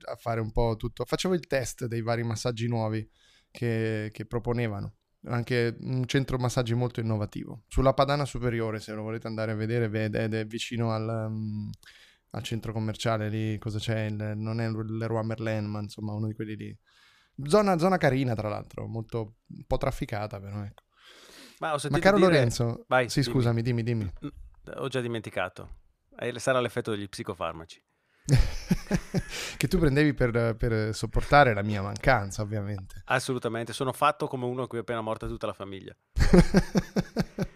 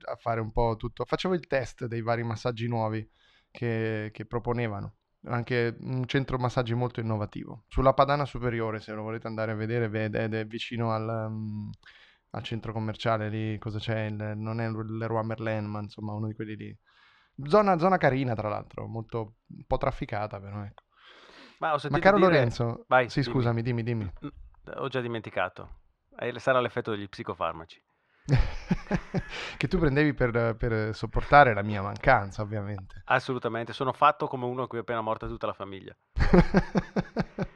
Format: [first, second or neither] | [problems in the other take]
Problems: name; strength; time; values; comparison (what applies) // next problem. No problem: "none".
first | muffled; slightly; fading above 3.5 kHz